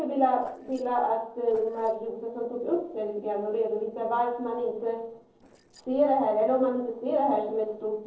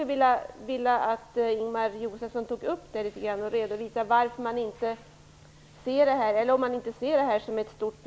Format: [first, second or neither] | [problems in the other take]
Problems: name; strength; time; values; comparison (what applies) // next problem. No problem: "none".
second | noise reduction (neural separator model SepFormer DNS4)